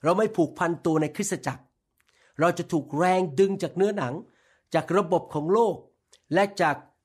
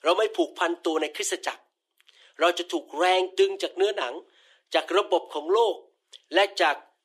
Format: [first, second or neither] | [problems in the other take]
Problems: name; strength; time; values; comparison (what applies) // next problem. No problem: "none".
first | thin; very; fading below 350 Hz